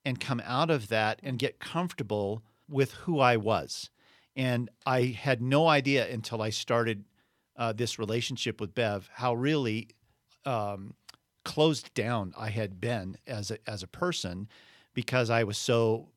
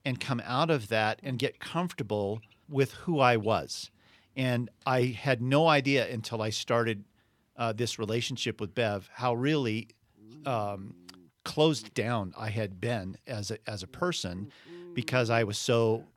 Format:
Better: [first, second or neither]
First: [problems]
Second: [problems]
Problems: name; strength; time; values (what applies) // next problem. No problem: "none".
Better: first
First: none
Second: animal sounds; faint; throughout; 25 dB below the speech